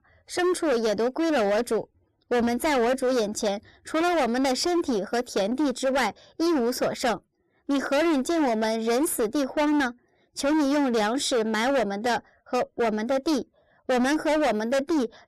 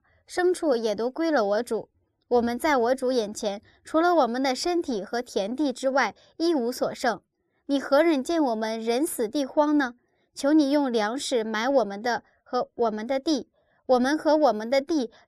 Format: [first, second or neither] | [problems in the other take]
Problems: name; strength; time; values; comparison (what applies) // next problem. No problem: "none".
second | distortion; heavy; 22% of the sound clipped